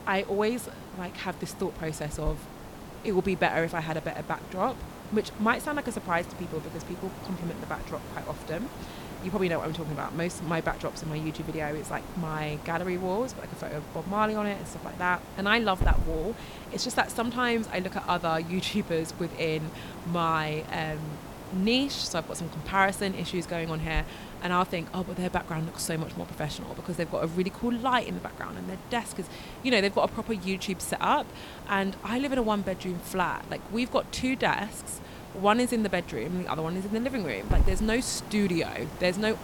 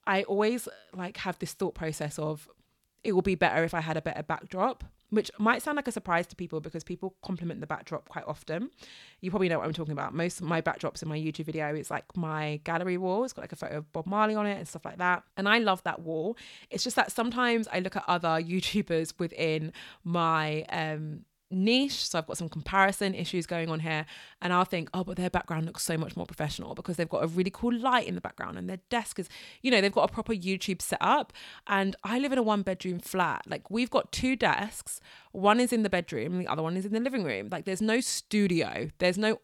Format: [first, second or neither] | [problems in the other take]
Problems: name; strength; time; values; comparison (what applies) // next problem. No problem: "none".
second | hiss; noticeable; throughout; 10 dB below the speech